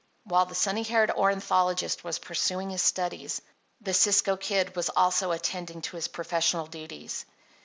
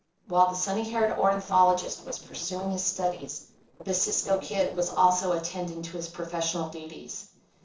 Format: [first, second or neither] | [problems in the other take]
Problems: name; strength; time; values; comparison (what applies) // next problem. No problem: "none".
first | noise reduction (neural separator model SepFormer DNS4)